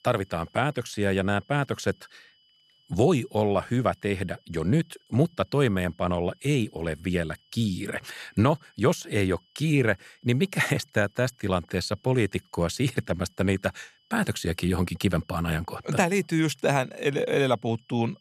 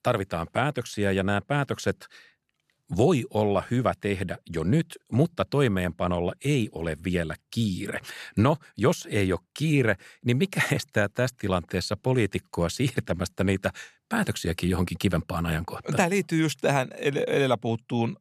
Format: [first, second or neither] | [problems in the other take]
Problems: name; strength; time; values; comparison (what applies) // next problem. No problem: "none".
second | high-pitched whine; faint; throughout; 3 kHz, 35 dB below the speech